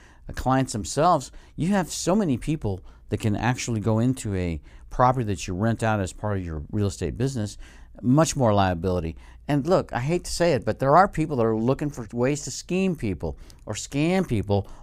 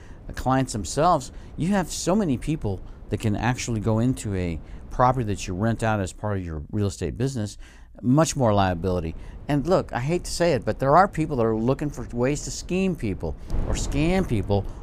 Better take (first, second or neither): first